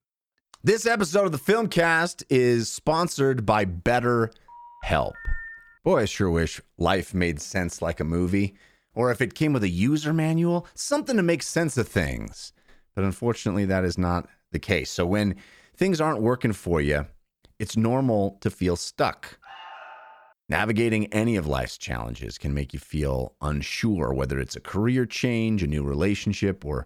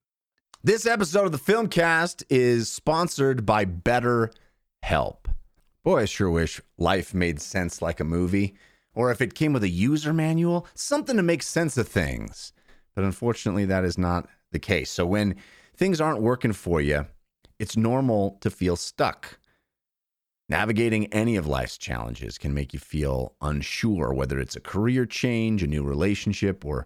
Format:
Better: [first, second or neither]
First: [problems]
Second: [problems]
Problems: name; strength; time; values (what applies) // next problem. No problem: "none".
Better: second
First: phone ringing; faint; from 4.5 to 5.5 s; peak 10 dB below the speech // alarm; faint; at 19 s; peak 15 dB below the speech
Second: none